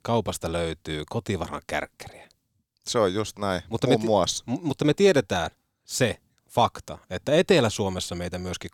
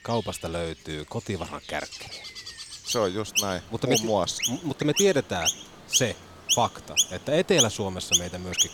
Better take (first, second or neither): first